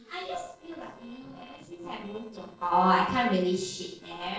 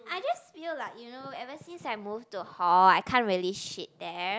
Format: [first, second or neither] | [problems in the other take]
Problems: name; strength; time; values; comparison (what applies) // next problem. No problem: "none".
second | noise reduction (neural separator model SepFormer DNS4)